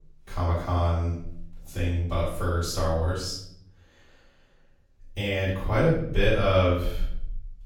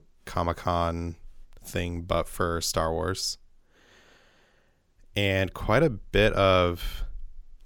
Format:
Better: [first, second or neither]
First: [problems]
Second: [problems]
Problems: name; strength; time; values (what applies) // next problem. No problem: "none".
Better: second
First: off-mic speech; far // room echo; noticeable; dies away in 0.8 s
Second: none